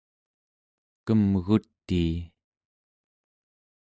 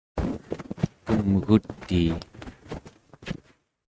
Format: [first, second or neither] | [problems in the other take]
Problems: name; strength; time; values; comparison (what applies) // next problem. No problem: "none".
first | noise reduction (neural mask model RNNoise)